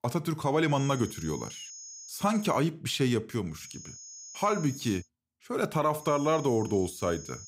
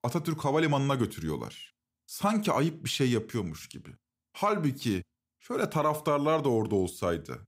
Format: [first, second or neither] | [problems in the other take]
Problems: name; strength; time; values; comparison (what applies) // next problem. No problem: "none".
second | high-pitched whine; noticeable; from 1 to 2.5 s, from 3.5 to 5 s and from 6 s on; 6.5 kHz, 15 dB below the speech